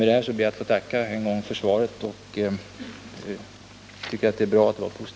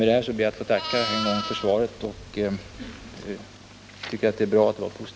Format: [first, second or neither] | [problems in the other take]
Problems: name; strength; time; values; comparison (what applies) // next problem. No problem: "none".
first | background sound (Livestock, farm animals, working animals); 11 dB below the speech